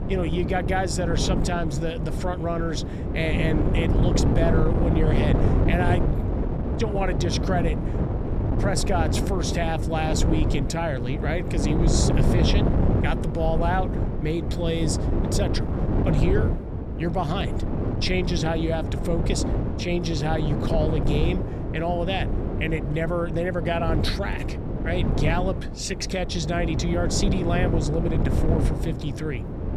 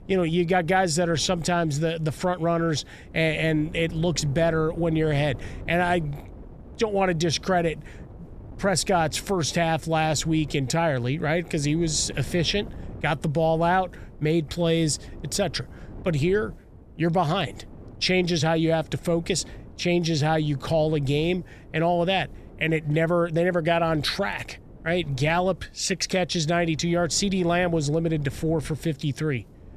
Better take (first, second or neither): second